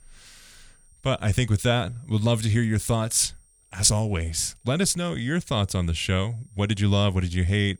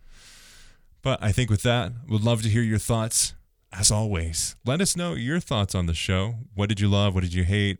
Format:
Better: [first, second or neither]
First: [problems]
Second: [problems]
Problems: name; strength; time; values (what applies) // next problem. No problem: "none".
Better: second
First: high-pitched whine; faint; throughout; 8.5 kHz, 35 dB below the speech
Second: none